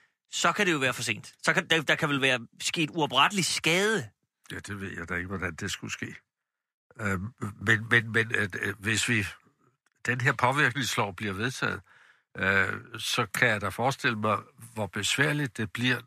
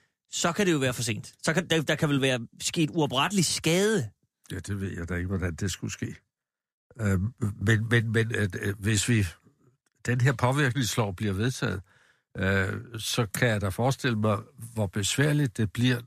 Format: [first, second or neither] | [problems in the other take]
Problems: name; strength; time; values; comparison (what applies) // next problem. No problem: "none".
second | thin; somewhat; fading below 300 Hz